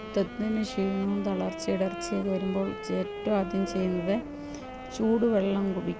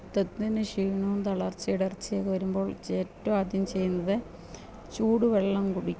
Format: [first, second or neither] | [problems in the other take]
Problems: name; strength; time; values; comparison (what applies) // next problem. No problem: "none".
second | background sound (Wind instrument, woodwind instrument); 10 dB below the speech